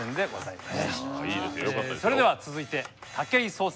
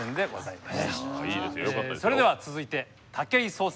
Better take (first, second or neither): second